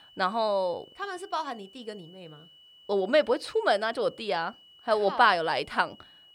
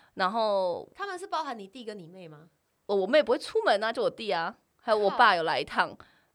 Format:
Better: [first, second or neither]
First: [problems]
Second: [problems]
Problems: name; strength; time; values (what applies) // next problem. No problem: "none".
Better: second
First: high-pitched whine; faint; throughout; 3 kHz, 25 dB below the speech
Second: none